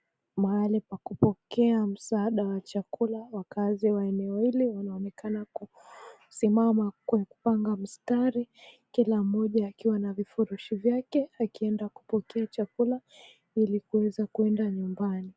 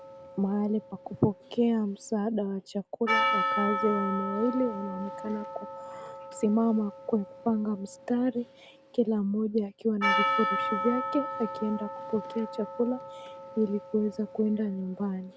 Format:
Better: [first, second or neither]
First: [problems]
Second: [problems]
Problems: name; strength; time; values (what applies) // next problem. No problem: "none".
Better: first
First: none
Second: background sound (Percussion); 5 dB below the speech